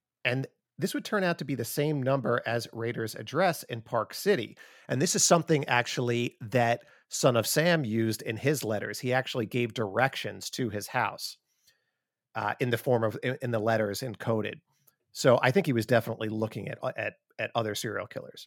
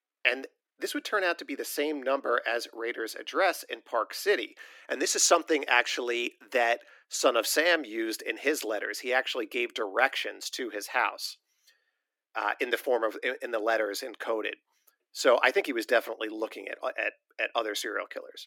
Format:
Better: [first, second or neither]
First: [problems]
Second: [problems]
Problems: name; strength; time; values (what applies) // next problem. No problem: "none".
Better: first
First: none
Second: thin; somewhat; fading below 300 Hz